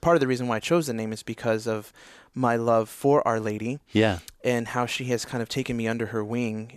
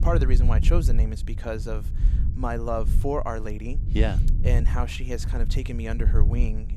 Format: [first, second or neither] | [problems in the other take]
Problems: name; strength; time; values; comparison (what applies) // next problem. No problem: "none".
first | low rumble; noticeable; throughout; 10 dB below the speech